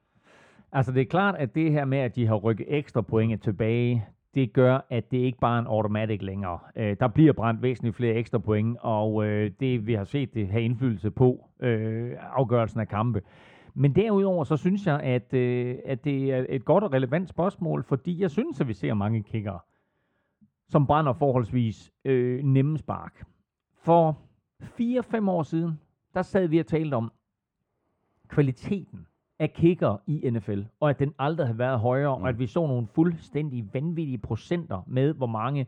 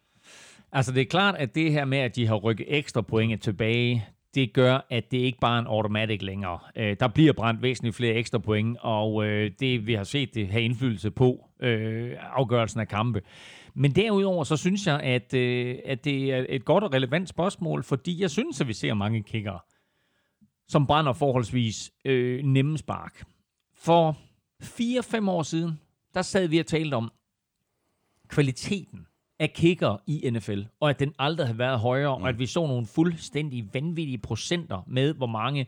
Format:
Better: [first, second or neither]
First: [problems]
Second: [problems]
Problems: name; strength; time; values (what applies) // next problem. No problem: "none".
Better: second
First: muffled; very; fading above 2.5 kHz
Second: none